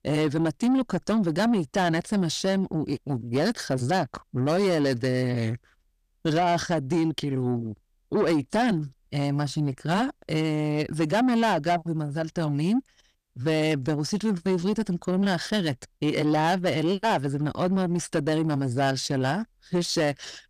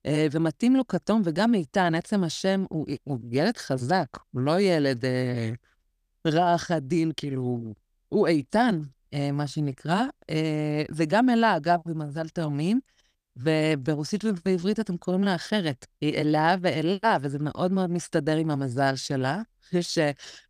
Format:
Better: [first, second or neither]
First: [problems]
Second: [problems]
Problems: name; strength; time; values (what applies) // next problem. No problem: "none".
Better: second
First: distortion; slight; 10 dB below the speech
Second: none